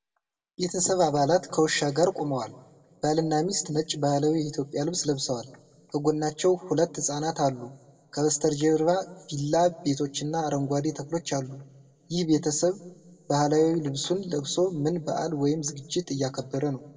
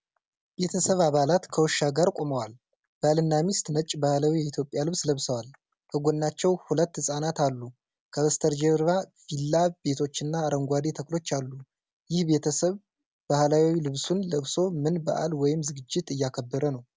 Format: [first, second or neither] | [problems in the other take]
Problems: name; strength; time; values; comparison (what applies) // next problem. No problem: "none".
second | room echo; dies away in 0.9 s